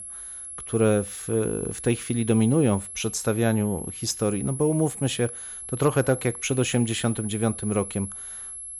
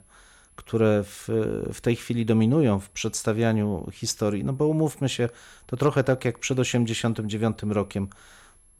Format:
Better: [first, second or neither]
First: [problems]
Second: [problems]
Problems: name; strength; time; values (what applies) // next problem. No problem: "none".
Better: second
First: high-pitched whine; loud; throughout; 11 kHz, 9 dB below the speech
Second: high-pitched whine; faint; throughout; 11 kHz, 35 dB below the speech